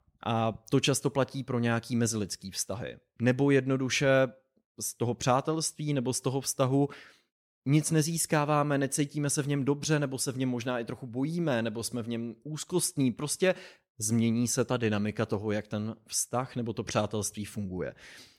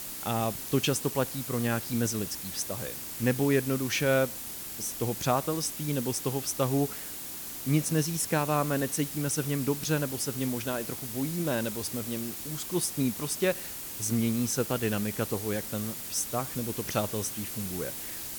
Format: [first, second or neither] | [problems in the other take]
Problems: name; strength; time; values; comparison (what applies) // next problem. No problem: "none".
first | hiss; loud; throughout; 5 dB below the speech